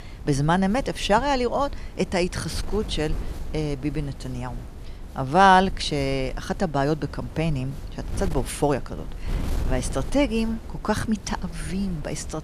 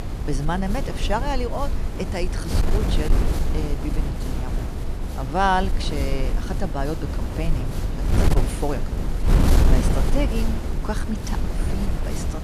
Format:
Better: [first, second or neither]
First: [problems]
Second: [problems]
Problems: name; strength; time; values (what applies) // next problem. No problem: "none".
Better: first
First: wind noise on the microphone; occasional gusts; 20 dB below the speech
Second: wind noise on the microphone; heavy; 5 dB below the speech